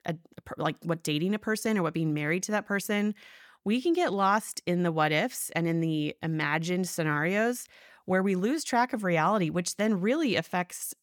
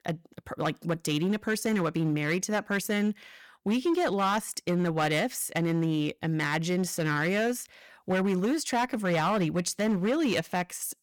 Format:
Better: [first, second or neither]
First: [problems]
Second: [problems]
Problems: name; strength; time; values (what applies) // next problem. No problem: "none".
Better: first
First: none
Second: distortion; slight; 9% of the sound clipped